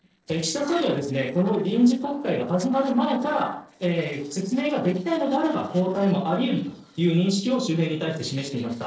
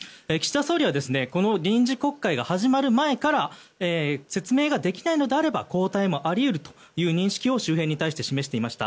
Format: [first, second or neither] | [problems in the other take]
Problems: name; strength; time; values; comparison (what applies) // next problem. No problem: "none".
second | noise reduction (neural separator model SepFormer DNS4)